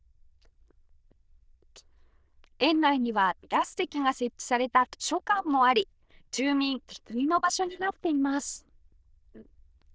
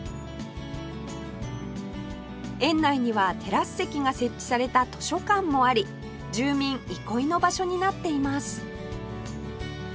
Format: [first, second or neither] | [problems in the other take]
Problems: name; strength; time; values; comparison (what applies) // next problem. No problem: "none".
second | noise reduction (neural diffusion model UNIVERSE++)